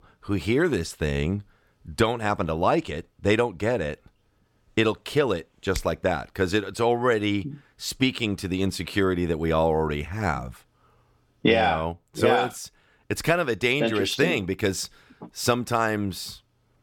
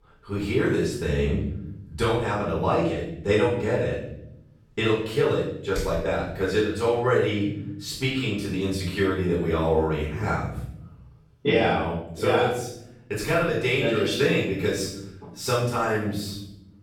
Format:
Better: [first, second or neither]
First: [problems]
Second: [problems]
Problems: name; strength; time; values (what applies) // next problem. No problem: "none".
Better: first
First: none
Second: off-mic speech; far // room echo; noticeable; dies away in 0.7 s